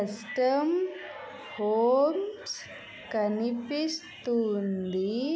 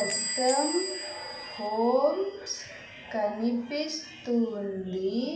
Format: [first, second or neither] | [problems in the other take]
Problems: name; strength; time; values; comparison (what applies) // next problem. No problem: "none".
first | background sound (Squeak / Bell); 8 dB below the speech // room echo; dies away in 0.9 s